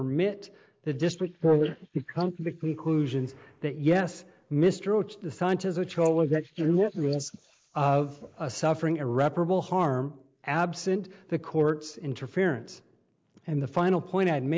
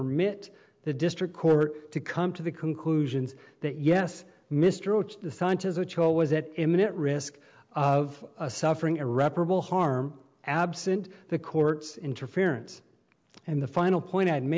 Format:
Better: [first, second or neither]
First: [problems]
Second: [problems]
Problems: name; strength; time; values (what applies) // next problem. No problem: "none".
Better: second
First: noise reduction (neural mask model Resemble Enhance denoiser)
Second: none